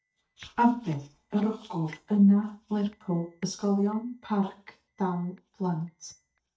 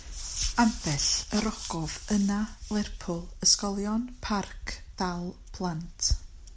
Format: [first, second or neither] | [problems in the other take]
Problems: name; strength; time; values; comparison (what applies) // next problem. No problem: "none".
second | noise reduction (neural mask model DeepFilterNet 3)